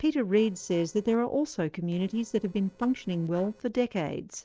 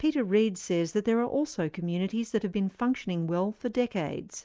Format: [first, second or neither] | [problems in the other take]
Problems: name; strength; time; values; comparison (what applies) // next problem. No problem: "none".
second | noise reduction (neural separator model SepFormer DNS4)